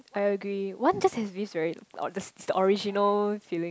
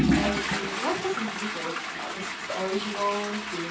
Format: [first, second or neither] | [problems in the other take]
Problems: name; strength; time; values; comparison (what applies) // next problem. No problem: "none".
first | background sound (Toilet flush / Water); 3 dB above the speech // room echo; dies away in 0.3 s